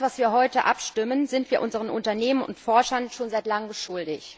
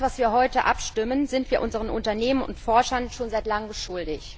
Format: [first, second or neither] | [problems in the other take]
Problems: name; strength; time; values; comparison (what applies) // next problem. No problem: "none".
first | background sound (Livestock, farm animals, working animals); 13 dB below the speech